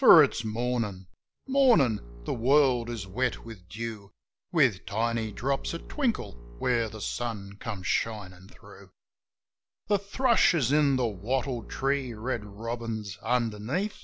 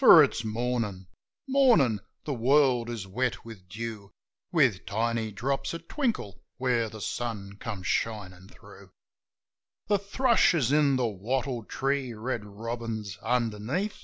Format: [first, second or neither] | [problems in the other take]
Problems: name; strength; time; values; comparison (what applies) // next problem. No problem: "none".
second | background sound (Bowed string instrument); 16 dB below the speech